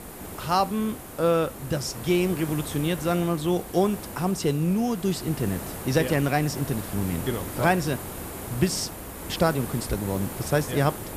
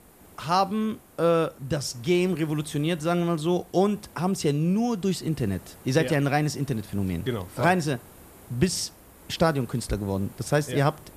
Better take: second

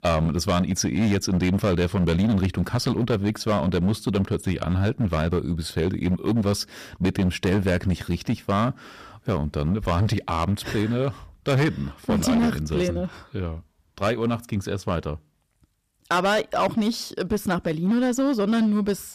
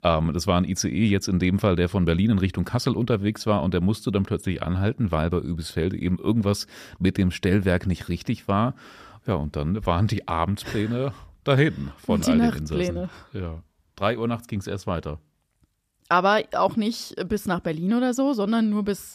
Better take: second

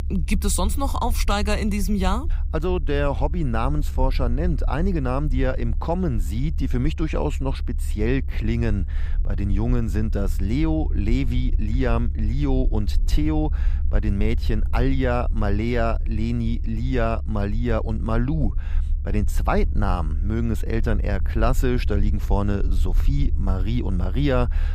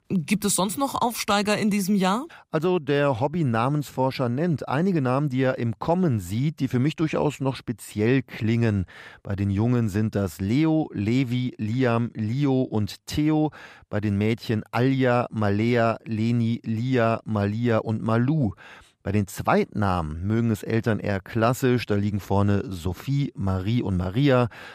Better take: second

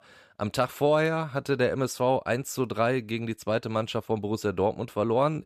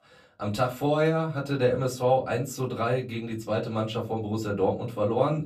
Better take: first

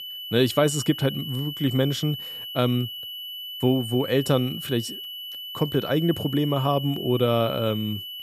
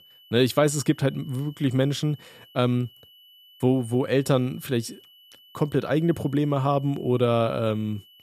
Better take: second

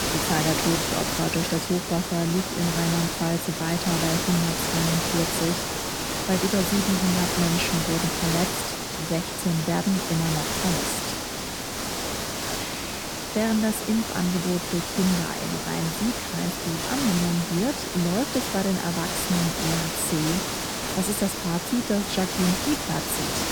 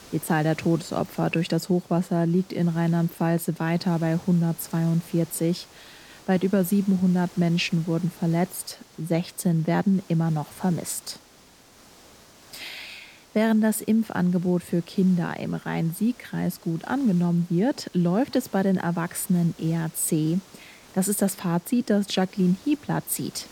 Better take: second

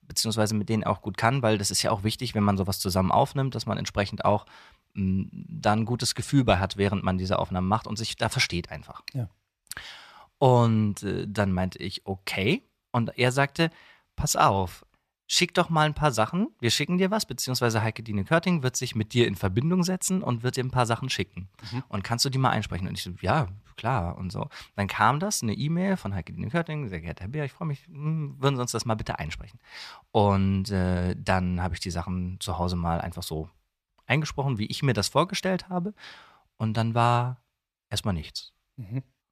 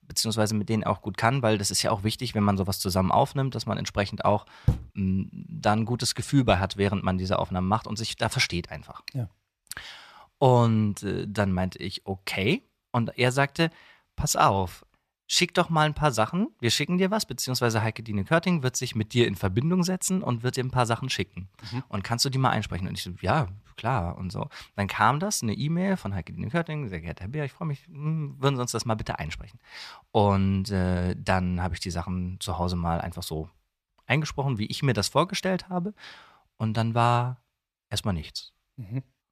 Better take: first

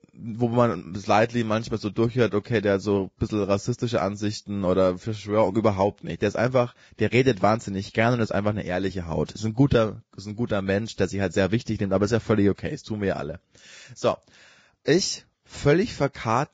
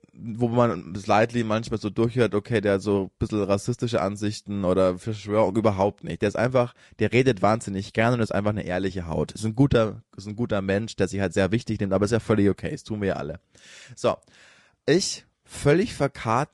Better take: second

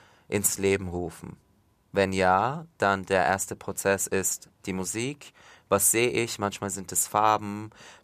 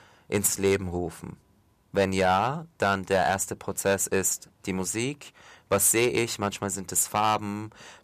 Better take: first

